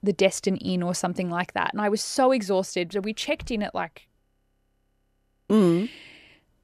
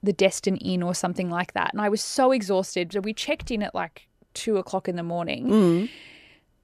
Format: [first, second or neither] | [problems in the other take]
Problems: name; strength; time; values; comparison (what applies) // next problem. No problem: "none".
second | audio freezing; at 4 s for 1.5 s